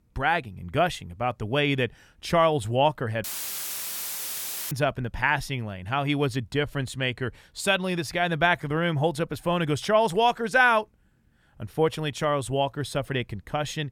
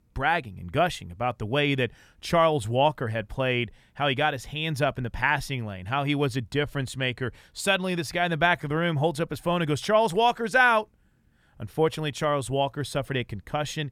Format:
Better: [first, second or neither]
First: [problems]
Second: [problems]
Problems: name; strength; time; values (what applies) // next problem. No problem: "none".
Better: second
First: audio cutting out; filled with static; at 3 s for 1.5 s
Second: none